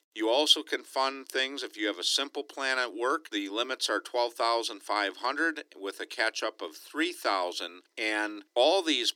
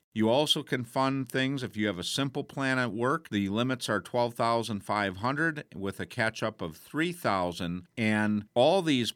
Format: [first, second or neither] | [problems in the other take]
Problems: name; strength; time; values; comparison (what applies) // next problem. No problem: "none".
second | thin; somewhat; fading below 300 Hz